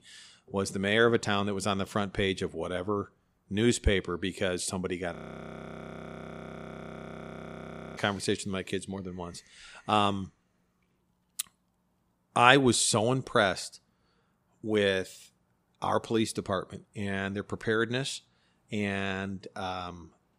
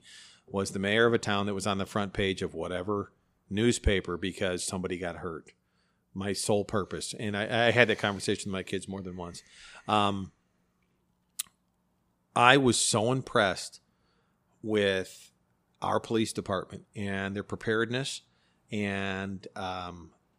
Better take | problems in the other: second | audio freezing; at 5 s for 3 s

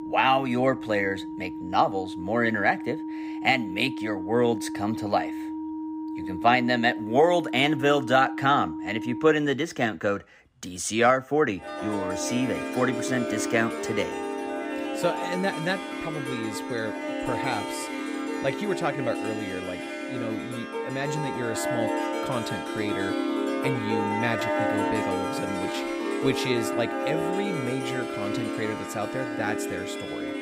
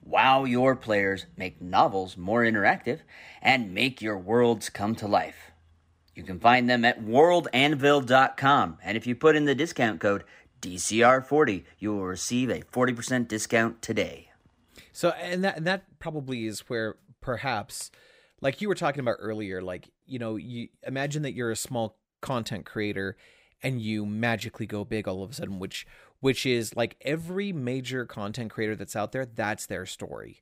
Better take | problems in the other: second | background music; loud; throughout; 4 dB below the speech

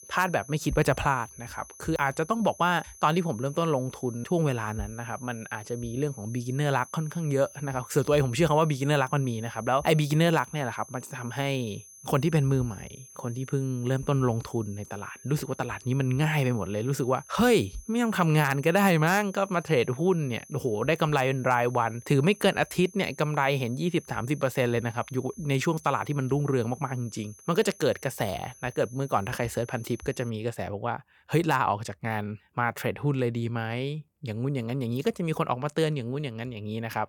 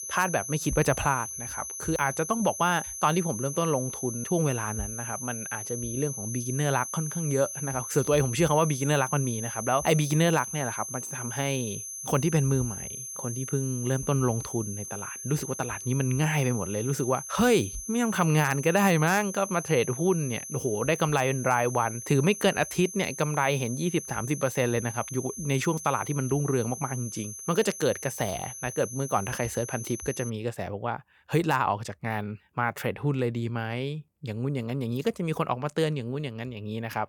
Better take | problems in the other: first | high-pitched whine; loud; until 30 s; 6 kHz, 8 dB below the speech; faint in the first

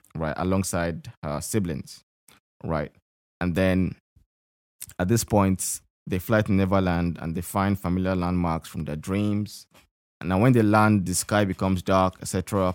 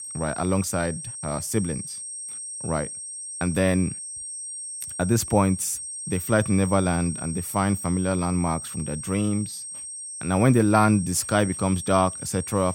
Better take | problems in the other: first | high-pitched whine; loud; throughout; 8.5 kHz, 8 dB below the speech

